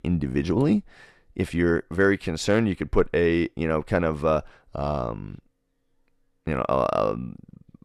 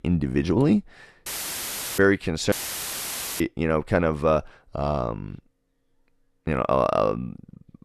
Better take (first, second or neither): first